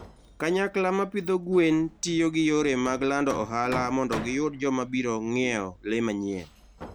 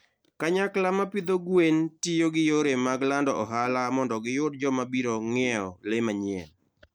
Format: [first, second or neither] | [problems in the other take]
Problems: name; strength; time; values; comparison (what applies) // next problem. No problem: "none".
second | background sound (Hammer); 17 dB below the speech